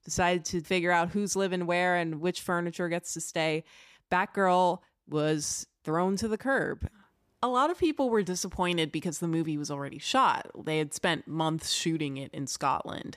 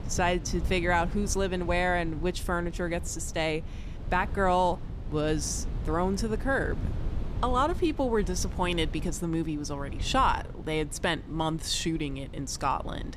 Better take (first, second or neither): first